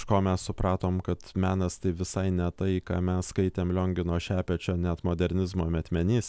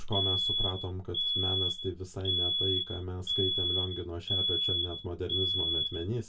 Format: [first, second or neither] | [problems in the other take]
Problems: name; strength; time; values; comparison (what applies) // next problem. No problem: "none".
first | background sound (Alarm); 3 dB above the speech // room echo; dies away in 0.1 s